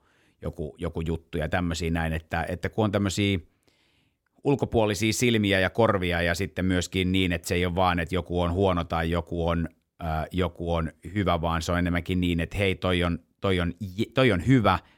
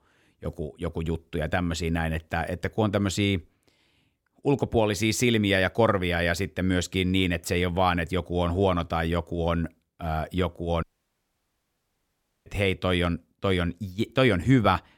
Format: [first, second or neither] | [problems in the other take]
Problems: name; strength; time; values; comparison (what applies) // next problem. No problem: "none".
first | audio cutting out; at 11 s for 1.5 s